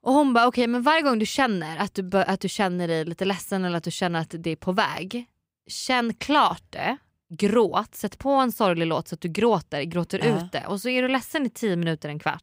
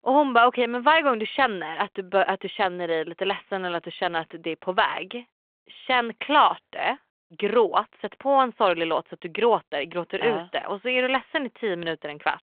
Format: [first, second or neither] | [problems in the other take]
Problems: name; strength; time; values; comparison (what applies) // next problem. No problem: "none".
first | phone-call audio